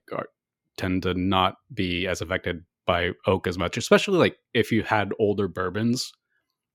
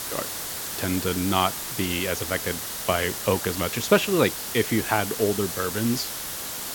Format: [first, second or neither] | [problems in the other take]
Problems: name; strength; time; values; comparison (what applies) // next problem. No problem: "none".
first | hiss; loud; throughout; 4 dB below the speech